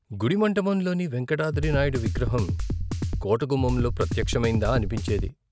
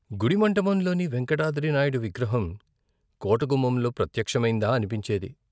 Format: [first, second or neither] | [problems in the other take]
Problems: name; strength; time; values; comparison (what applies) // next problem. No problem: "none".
second | background sound (Drum kit); 1 dB below the speech